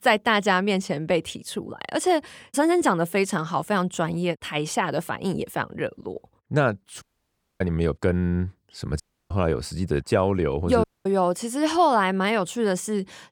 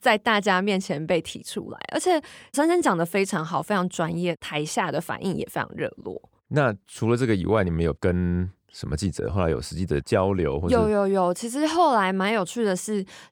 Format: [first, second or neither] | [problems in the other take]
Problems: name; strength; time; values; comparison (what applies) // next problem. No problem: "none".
second | audio cutting out; at 7 s for 0.5 s, at 9 s and at 11 s